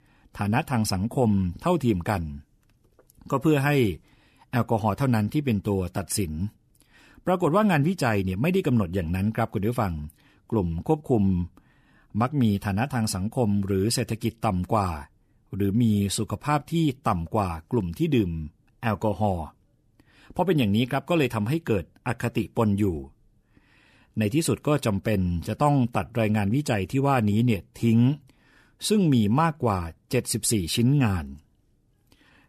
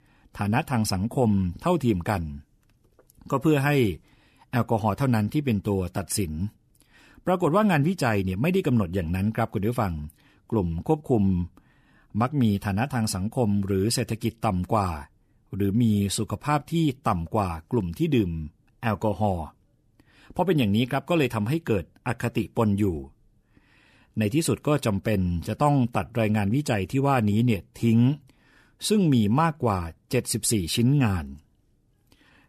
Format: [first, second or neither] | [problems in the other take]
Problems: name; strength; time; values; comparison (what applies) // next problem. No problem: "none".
neither | none